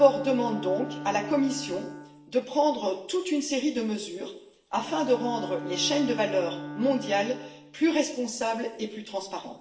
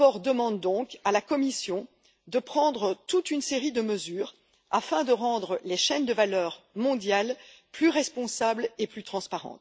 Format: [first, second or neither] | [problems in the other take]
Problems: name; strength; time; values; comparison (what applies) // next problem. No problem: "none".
second | background sound (Bowed string instrument); 12 dB below the speech // room echo; dies away in 0.8 s